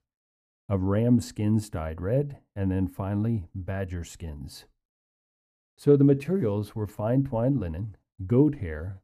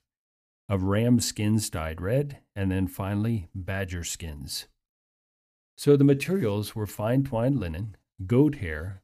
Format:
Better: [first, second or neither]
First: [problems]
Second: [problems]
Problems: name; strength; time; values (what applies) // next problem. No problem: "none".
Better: second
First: muffled; slightly; fading above 1.5 kHz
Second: none